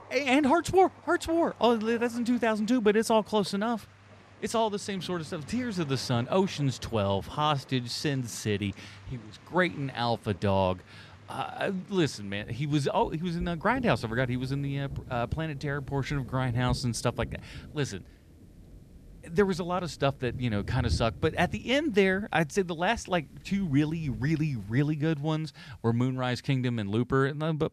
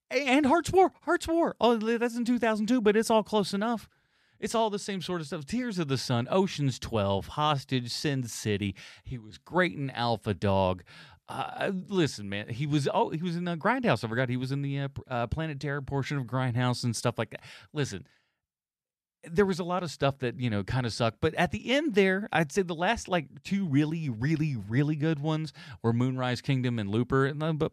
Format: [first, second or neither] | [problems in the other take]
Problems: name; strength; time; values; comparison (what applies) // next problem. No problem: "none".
second | rain or running water; noticeable; throughout; 15 dB below the speech